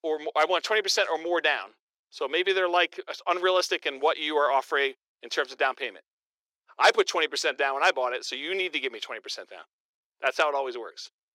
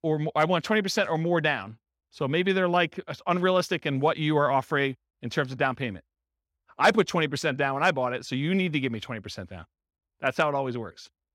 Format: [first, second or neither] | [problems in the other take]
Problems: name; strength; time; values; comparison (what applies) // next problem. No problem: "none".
second | thin; very; fading below 350 Hz